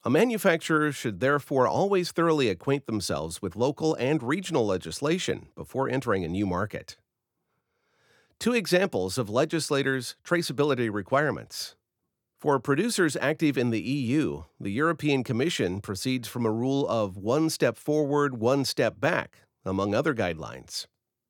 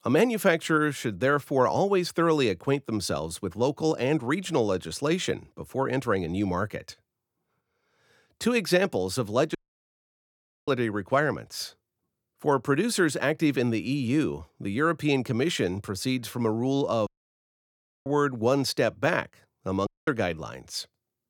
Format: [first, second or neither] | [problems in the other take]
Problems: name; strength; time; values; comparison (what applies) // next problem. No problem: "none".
first | audio cutting out; at 9.5 s for 1 s, at 17 s for 1 s and at 20 s